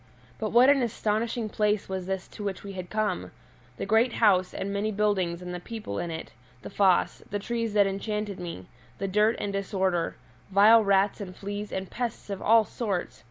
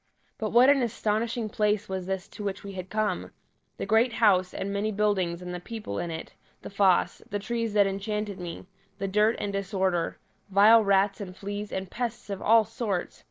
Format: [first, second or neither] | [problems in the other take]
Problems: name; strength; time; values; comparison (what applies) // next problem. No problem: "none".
first | noise reduction (neural separator model SepFormer DNS4)